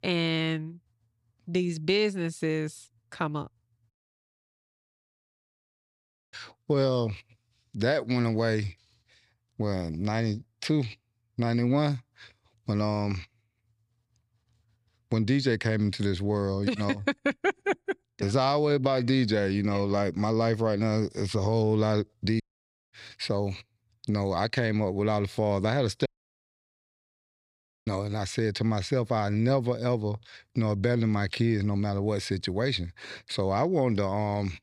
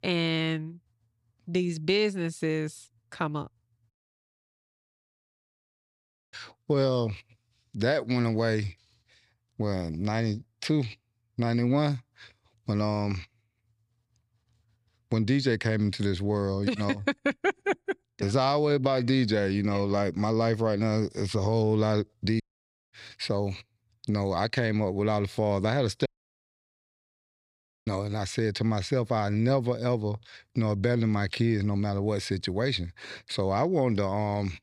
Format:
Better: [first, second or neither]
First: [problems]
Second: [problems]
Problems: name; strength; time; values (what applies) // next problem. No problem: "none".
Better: neither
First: audio cutting out; at 4 s for 2.5 s, at 22 s for 0.5 s and at 26 s for 2 s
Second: audio cutting out; at 4 s for 2.5 s, at 22 s for 0.5 s and at 26 s for 2 s